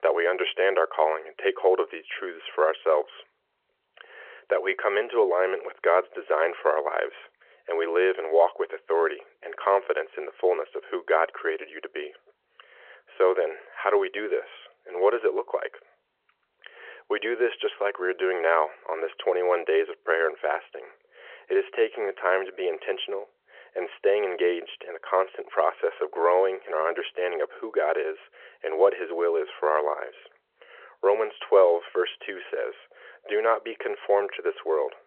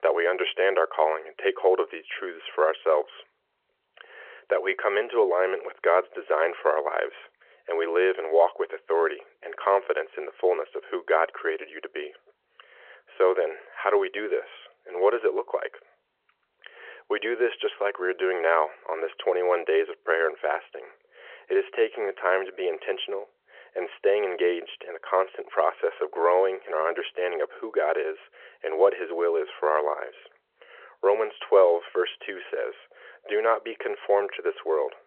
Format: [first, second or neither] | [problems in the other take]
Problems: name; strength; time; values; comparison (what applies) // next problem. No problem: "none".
neither | phone-call audio; the same in both